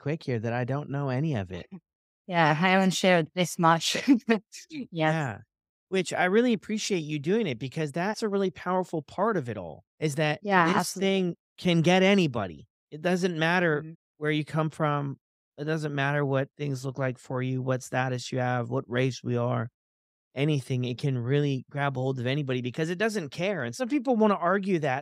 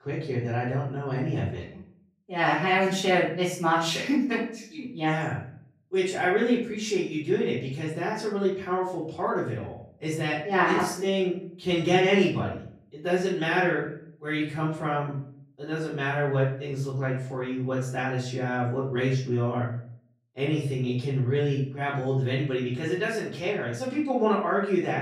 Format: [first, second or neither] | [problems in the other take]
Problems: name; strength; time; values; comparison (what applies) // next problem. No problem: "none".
first | off-mic speech; far // room echo; noticeable; dies away in 0.5 s